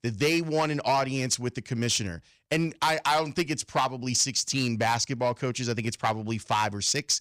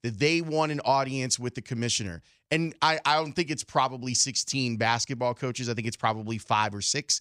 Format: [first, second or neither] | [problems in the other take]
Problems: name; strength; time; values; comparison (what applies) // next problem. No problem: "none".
second | distortion; slight; 5% of the sound clipped